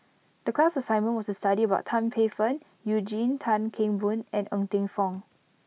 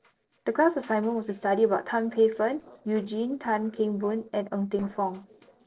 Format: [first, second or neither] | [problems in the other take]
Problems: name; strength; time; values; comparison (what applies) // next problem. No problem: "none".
first | noise reduction (neural separator model SepFormer DNS4)